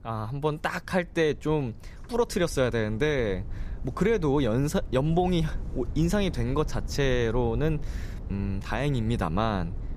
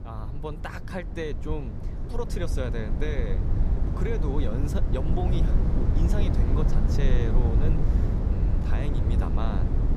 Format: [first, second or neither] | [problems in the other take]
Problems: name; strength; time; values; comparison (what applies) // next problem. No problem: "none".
first | low rumble; loud; throughout; 2 dB below the speech; faint in the first